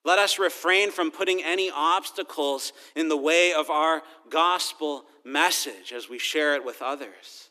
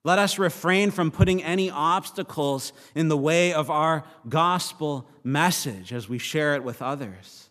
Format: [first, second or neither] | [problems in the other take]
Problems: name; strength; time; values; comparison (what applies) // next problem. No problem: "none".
second | thin; somewhat; fading below 300 Hz